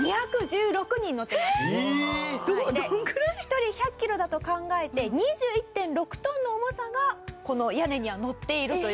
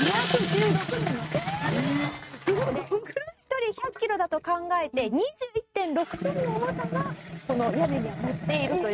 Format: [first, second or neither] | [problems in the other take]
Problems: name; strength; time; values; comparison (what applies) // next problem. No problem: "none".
first | noise reduction (neural mask model RNNoise)